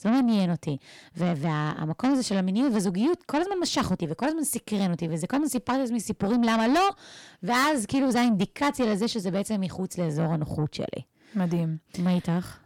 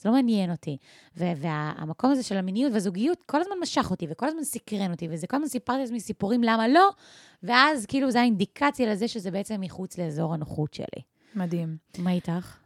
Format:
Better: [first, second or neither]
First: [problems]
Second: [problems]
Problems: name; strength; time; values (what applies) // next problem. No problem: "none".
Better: second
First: distortion; heavy; 8 dB below the speech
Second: none